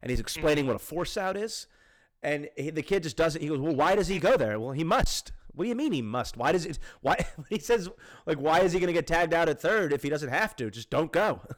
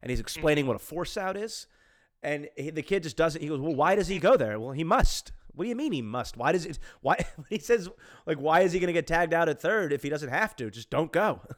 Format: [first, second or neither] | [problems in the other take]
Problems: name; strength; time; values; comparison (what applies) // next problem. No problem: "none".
second | distortion; slight; 6% of the sound clipped